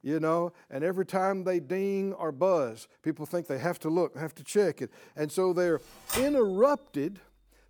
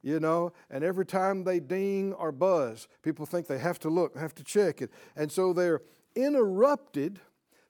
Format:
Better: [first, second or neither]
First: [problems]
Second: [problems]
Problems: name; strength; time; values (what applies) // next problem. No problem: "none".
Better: second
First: keyboard typing; noticeable; at 6 s; peak 4 dB below the speech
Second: none